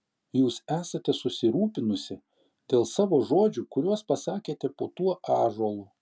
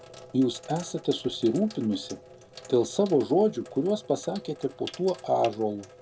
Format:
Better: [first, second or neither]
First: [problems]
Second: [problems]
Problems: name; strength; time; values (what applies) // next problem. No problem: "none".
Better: first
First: none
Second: background sound (Sink (filling or washing)); 19 dB below the speech